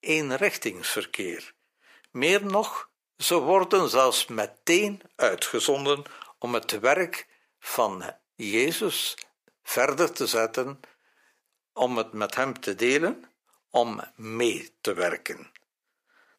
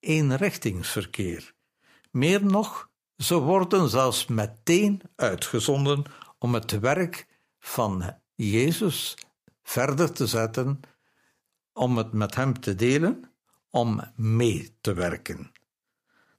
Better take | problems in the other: second | thin; somewhat; fading below 450 Hz

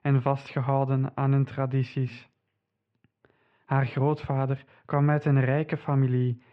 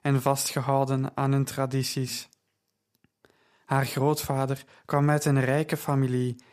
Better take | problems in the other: second | muffled; very; fading above 3 kHz

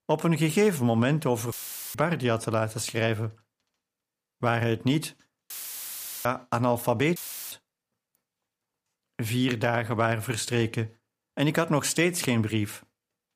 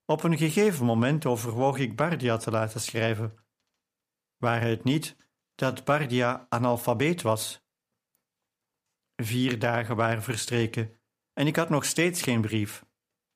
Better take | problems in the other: second | audio cutting out; filled with static; at 1.5 s, at 5.5 s for 1 s and at 7 s

